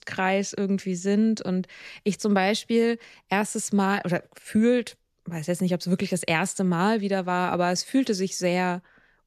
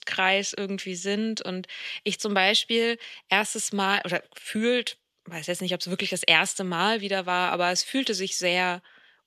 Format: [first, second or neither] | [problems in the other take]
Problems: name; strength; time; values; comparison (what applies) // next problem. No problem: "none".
first | thin; very slightly; fading below 500 Hz